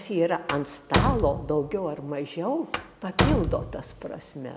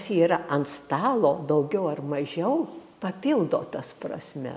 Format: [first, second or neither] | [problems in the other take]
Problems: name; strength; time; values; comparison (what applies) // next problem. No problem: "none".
second | background sound (Slam); as loud as the speech